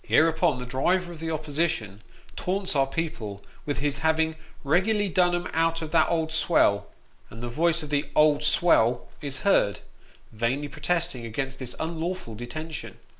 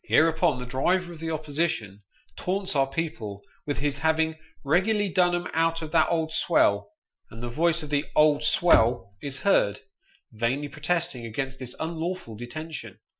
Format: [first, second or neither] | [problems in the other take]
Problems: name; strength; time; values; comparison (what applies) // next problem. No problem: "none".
first | noise reduction (classical method Wiener filter)